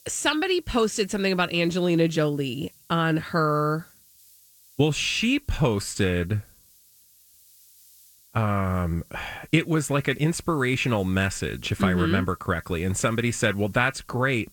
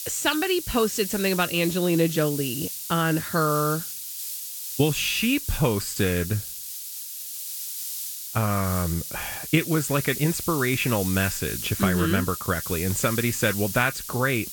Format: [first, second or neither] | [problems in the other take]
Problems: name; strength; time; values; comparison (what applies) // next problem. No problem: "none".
first | hiss; loud; throughout; 6 dB below the speech; faint in the first